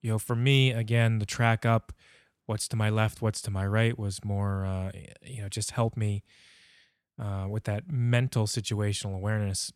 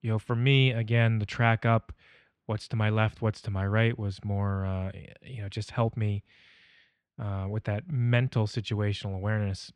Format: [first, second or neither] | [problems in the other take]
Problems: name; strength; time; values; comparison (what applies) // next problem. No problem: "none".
first | muffled; slightly; fading above 3 kHz